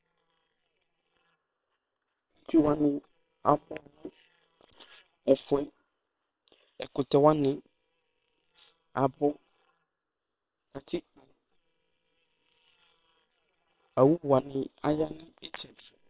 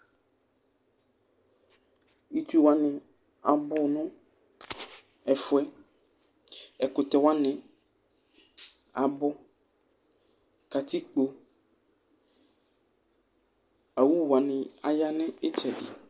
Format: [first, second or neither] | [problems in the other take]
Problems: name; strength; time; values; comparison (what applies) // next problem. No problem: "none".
second | noise reduction (neural separator model SepFormer WHAM!)